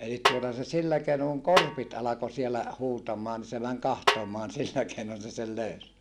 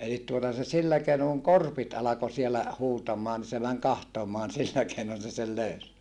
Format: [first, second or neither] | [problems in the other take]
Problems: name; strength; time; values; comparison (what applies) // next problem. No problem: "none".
second | background sound (Snare drum); 1 dB below the speech